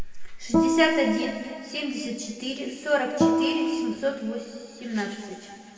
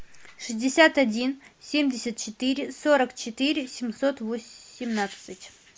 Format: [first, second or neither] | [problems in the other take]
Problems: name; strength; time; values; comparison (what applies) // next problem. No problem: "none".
second | background sound (Guitar); 5 dB above the speech // room echo; dies away in 2.2 s